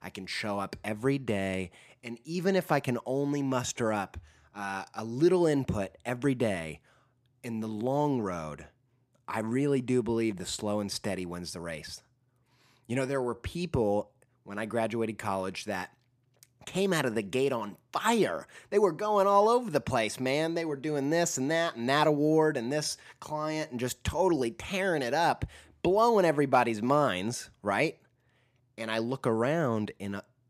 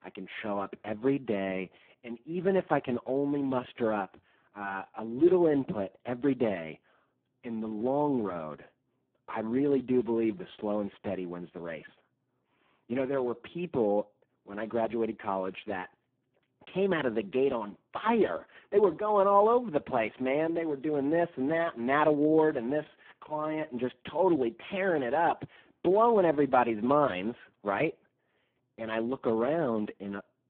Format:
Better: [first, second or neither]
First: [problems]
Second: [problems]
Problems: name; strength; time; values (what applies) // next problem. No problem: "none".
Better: first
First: none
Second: phone-call audio; poor line